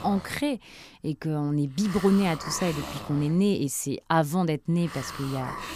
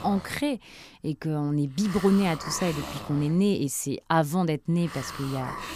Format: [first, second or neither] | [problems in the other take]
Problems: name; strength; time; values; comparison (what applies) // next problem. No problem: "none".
neither | hiss; noticeable; throughout; 10 dB below the speech; the same in both